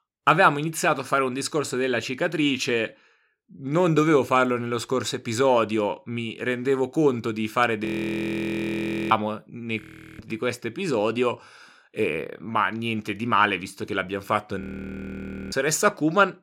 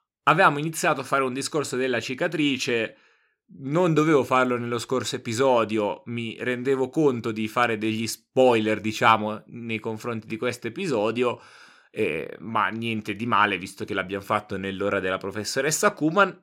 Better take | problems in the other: second | audio freezing; at 8 s for 1.5 s, at 10 s and at 15 s for 1 s

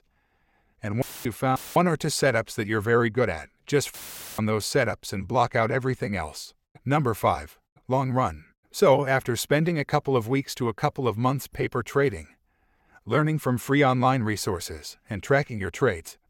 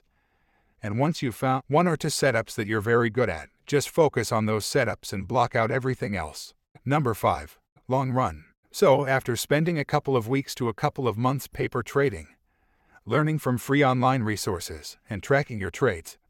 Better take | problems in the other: second | audio cutting out; filled with static; at 1 s, at 1.5 s and at 4 s

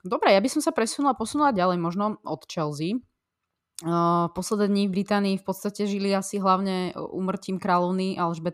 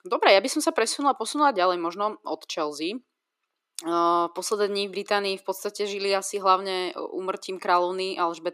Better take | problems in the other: first | thin; somewhat; fading below 350 Hz

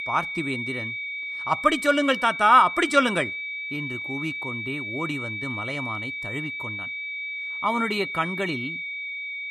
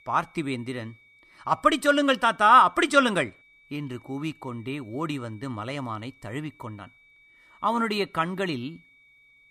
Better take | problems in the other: second | high-pitched whine; loud; throughout; 2.5 kHz, 5 dB below the speech; faint in the second

